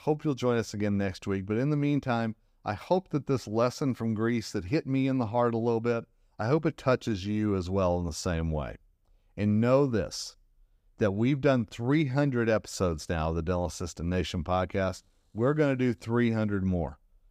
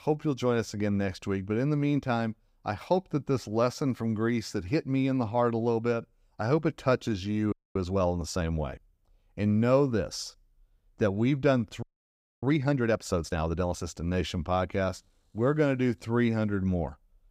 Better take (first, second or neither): first